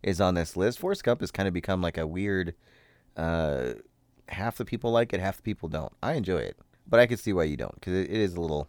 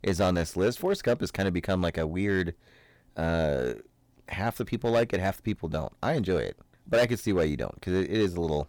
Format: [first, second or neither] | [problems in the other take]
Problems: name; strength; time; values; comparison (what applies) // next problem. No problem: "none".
first | distortion; slight; 4% of the sound clipped